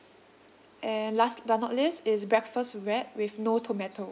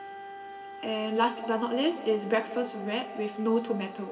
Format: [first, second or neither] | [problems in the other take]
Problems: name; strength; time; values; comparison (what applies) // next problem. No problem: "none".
first | background sound (Wind instrument, woodwind instrument); 13 dB below the speech // room echo; dies away in 1.8 s